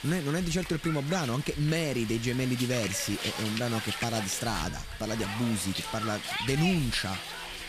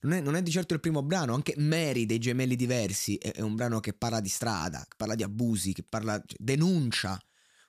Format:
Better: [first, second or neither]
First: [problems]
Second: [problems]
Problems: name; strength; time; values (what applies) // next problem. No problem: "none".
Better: second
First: hiss; loud; throughout; 5 dB below the speech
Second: none